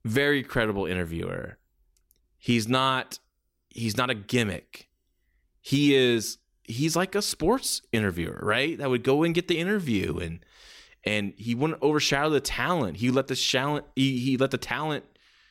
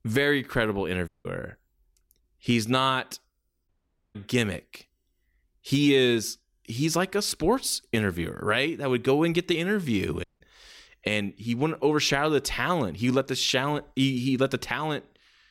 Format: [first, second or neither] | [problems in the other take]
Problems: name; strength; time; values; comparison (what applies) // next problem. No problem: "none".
first | audio cutting out; at 1 s, at 3.5 s and at 10 s